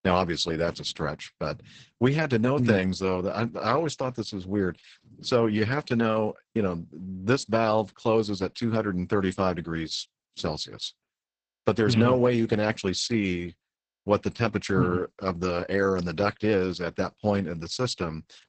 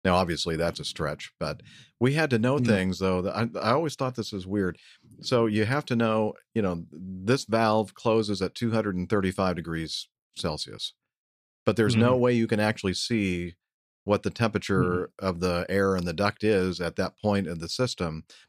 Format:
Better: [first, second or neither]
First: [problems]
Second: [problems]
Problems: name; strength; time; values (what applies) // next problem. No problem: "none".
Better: second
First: garbled, watery; badly; nothing above 8 kHz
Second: none